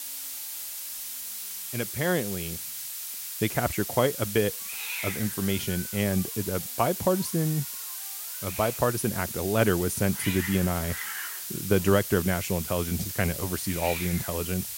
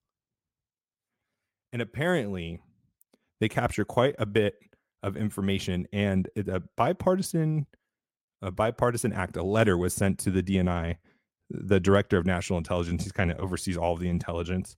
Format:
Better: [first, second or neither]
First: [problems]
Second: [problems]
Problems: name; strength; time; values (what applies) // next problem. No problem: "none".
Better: second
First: hiss; loud; throughout; 5 dB below the speech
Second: none